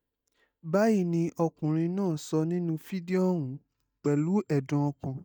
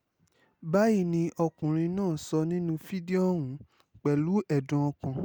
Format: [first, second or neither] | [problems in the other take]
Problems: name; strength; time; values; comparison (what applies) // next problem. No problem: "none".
second | noise reduction (neural mask model DeepFilterNet 3)